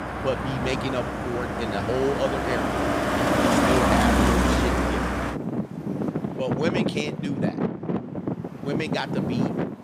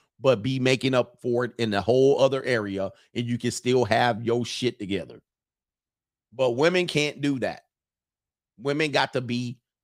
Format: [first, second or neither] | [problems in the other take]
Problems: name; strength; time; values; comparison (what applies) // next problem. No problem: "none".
second | traffic noise; very loud; throughout; 5 dB above the speech